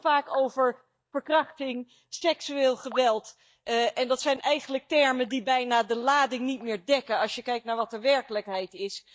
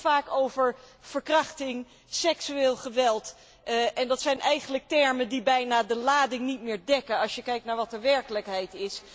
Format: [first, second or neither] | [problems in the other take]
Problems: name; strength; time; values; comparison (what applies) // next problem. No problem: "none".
second | noise reduction (neural mask model DeepFilterNet 3)